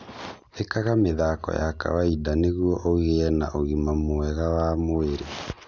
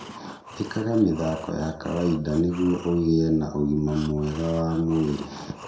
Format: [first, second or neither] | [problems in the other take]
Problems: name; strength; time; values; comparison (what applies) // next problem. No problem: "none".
first | background sound (Breathing); 19 dB below the speech // room echo; dies away in 0.5 s